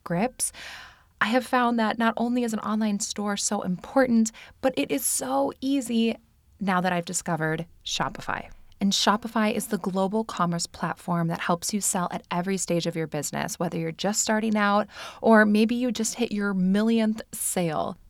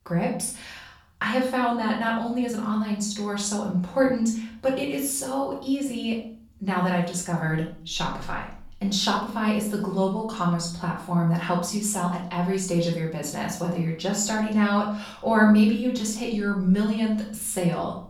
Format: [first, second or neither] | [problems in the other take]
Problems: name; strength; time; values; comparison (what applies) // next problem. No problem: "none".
first | off-mic speech; far // room echo; noticeable; dies away in 0.4 s